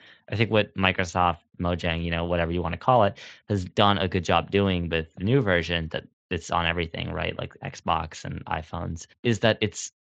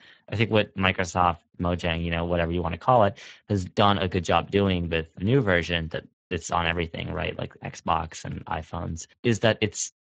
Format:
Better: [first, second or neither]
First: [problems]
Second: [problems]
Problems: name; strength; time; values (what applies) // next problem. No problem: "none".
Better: first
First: garbled, watery; slightly; nothing above 7.5 kHz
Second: garbled, watery; badly; nothing above 7.5 kHz